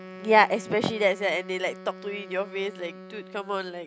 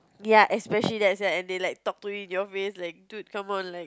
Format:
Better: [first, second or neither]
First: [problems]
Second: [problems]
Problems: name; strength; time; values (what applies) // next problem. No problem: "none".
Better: second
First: background sound (Wind instrument, woodwind instrument); 16 dB below the speech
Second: none